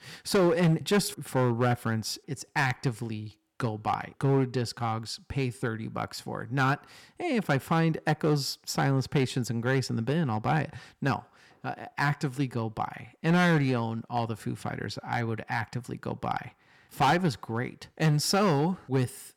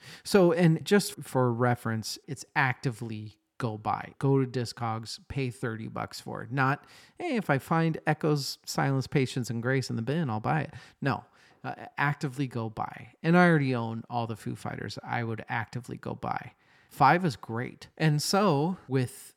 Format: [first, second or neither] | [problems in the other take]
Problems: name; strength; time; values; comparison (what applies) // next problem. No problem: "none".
second | distortion; slight; 4% of the sound clipped